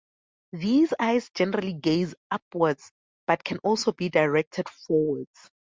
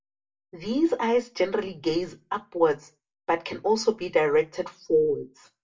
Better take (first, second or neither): first